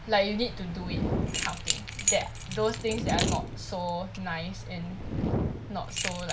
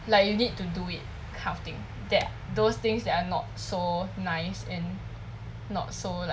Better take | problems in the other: second | background sound (Keys jangling + Fire); as loud as the speech

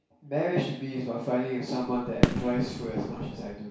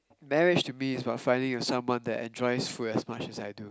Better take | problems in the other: second | background sound (Fireworks); as loud as the speech // room echo; dies away in 0.6 s

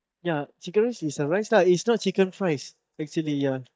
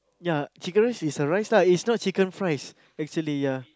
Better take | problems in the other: second | noise reduction (neural mask model DeepFilterNet 3)

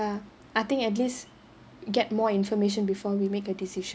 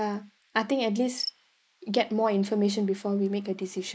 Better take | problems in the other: first | noise reduction (neural mask model Resemble Enhance denoiser)

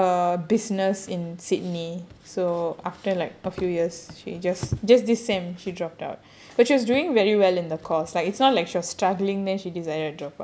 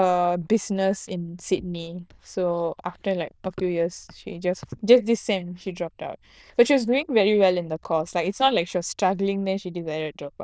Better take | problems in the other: first | noise reduction (neural diffusion model UNIVERSE++)

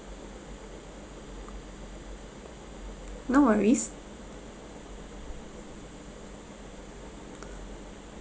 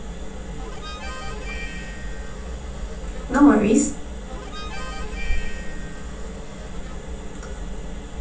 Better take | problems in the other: first | background sound (Harmonica); 16 dB below the speech // room echo; dies away in 0.4 s

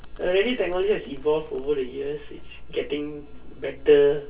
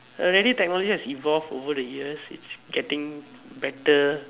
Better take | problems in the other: second | background sound (Domestic sounds, home sounds); 16 dB below the speech // room echo; dies away in 0.2 s

